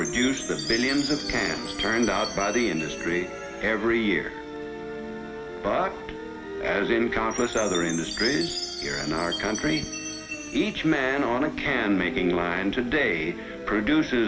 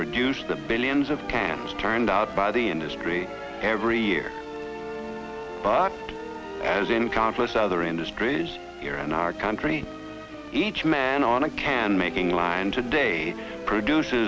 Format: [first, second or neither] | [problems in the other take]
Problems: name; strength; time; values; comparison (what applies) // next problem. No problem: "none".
second | background sound (Chime); 12 dB below the speech // room echo; dies away in 0.7 s